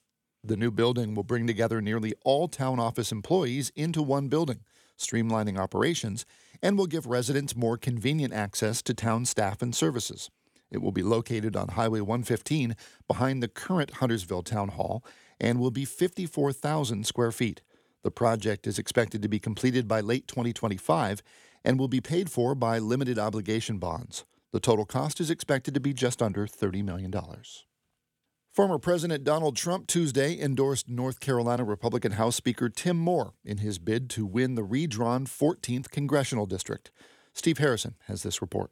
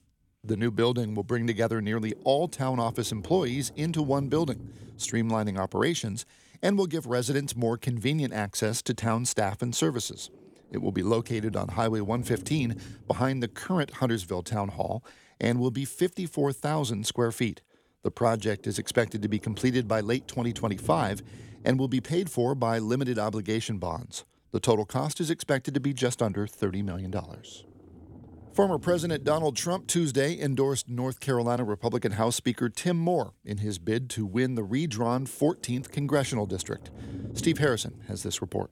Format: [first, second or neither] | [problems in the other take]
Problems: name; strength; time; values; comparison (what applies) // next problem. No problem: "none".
first | low rumble; faint; throughout; 20 dB below the speech